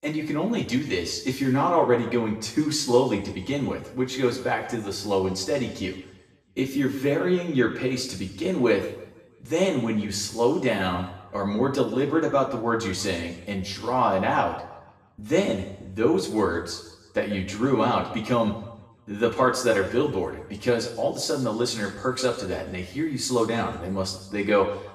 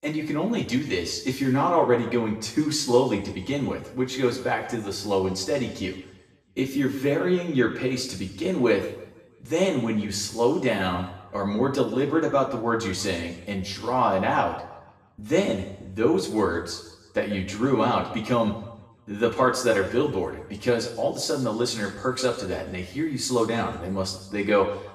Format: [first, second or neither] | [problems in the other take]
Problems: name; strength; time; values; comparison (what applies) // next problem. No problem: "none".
neither | room echo; noticeable; dies away in 0.9 s; the same in both // off-mic speech; far; the same in both